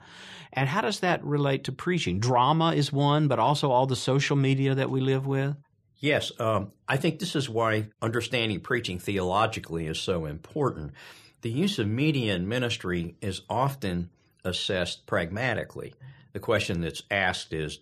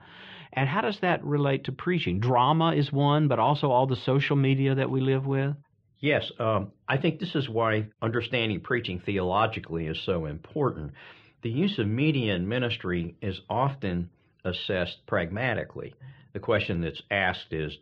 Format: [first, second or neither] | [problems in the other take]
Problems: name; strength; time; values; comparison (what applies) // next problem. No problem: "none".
first | muffled; slightly; fading above 3 kHz